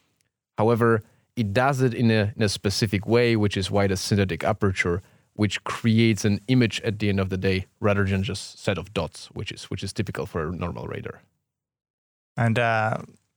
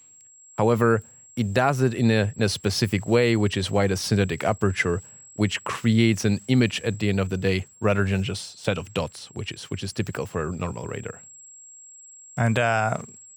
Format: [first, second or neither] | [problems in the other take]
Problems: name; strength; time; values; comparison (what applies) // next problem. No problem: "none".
first | high-pitched whine; faint; throughout; 7.5 kHz, 20 dB below the speech